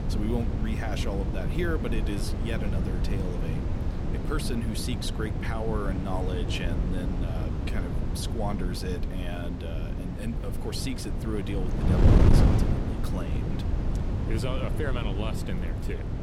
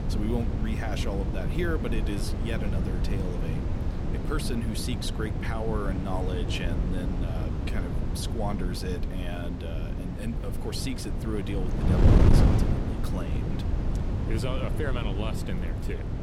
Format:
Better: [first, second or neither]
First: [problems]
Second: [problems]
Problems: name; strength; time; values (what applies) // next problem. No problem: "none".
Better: neither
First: wind noise on the microphone; heavy; 1 dB below the speech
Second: wind noise on the microphone; heavy; 1 dB below the speech